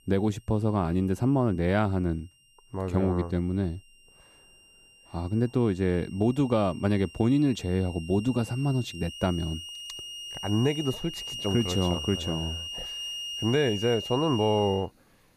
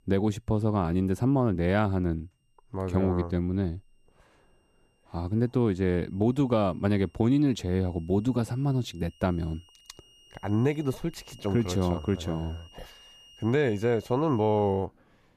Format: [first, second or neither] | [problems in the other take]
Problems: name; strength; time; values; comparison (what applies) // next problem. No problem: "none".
second | background music; loud; throughout; 8 dB below the speech; faint in the second